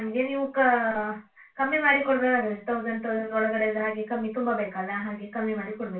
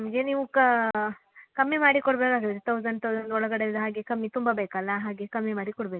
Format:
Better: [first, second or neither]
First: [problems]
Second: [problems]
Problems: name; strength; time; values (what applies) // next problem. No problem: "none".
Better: second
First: room echo; dies away in 0.2 s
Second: none